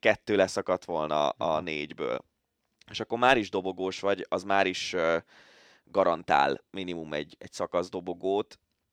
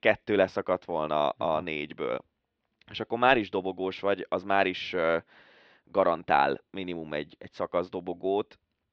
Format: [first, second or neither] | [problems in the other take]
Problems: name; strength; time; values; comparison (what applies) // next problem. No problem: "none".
first | muffled; slightly; fading above 3.5 kHz